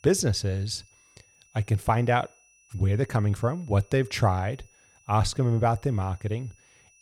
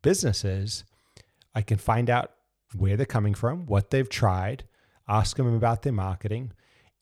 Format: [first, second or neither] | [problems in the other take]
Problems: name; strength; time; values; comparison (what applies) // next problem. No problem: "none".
second | high-pitched whine; faint; throughout; 6 kHz, 30 dB below the speech